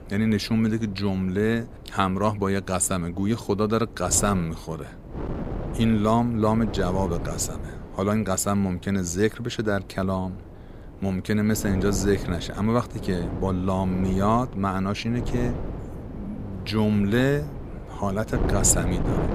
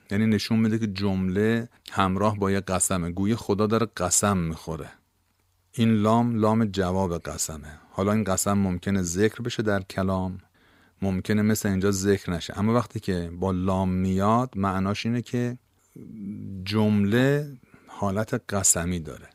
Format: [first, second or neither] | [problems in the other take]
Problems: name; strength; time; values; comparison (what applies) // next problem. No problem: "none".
second | wind noise on the microphone; occasional gusts; 15 dB below the speech